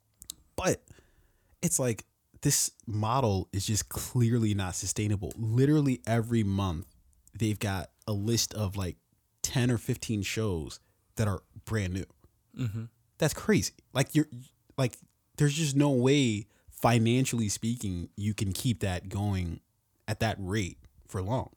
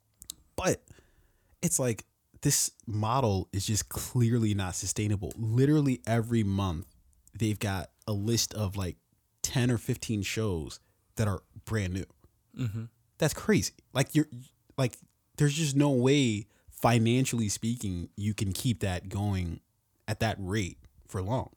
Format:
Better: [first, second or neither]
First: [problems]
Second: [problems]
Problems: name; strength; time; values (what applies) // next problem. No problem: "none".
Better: neither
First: none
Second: none